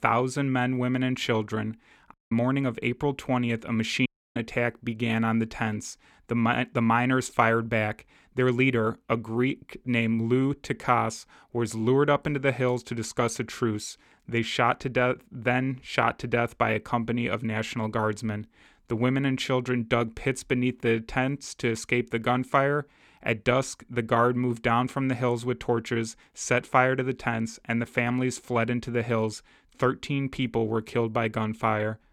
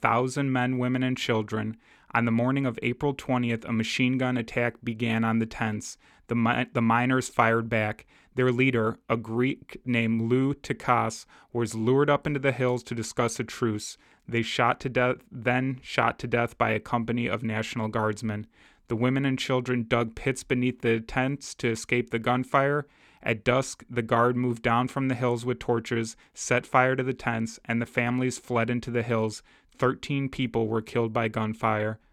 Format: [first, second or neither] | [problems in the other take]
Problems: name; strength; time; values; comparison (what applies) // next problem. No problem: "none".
second | audio cutting out; at 2 s and at 4 s